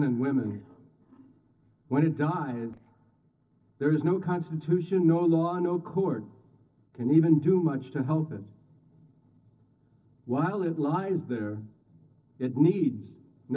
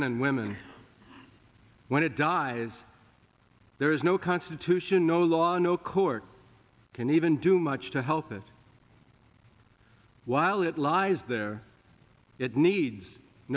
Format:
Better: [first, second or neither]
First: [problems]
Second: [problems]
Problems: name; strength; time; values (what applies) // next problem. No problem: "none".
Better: second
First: noise reduction (neural separator model SepFormer DNS4)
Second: none